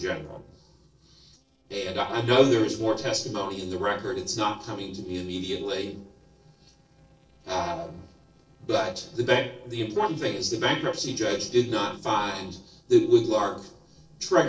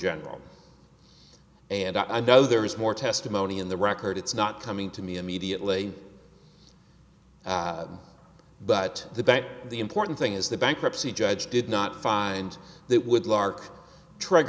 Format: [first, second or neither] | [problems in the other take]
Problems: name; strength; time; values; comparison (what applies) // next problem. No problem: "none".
second | noise reduction (neural separator model SepFormer DNS4)